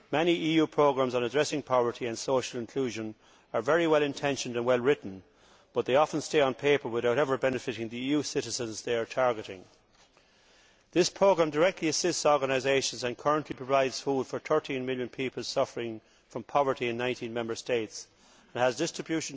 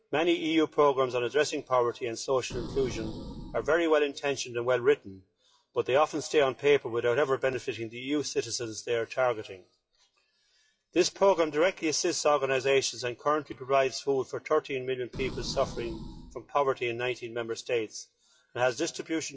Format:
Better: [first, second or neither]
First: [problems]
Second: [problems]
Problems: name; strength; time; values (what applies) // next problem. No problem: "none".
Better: first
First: none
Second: noise reduction (classical method WPE with log-MMSE)